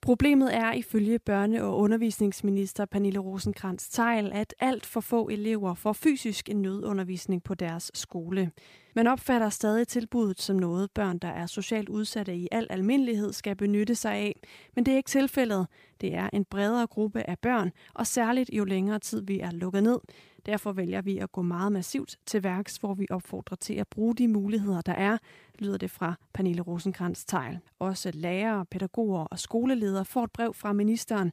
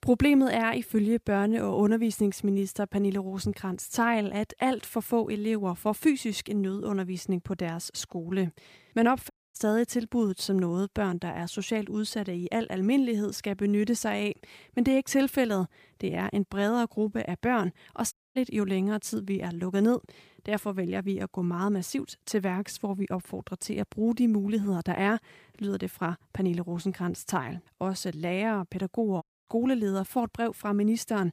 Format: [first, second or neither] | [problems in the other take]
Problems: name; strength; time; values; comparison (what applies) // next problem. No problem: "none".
first | audio cutting out; at 9.5 s, at 18 s and at 29 s